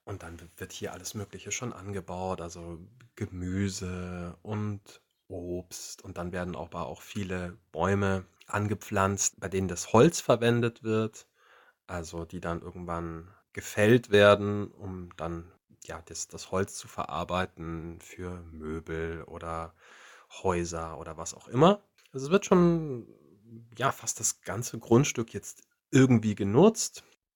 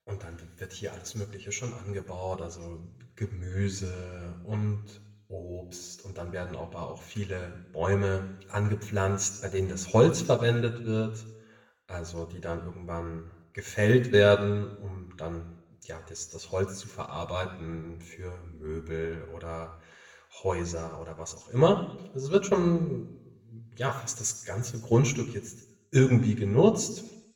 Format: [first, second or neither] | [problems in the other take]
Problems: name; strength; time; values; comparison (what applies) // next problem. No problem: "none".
first | room echo; slight; dies away in 0.8 s // off-mic speech; somewhat distant